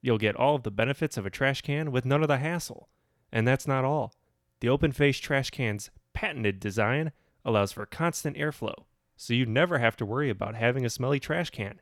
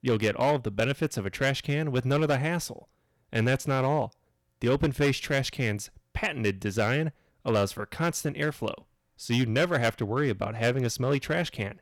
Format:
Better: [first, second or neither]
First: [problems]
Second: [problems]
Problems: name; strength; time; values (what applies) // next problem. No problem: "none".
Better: first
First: none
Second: distortion; slight; 4% of the sound clipped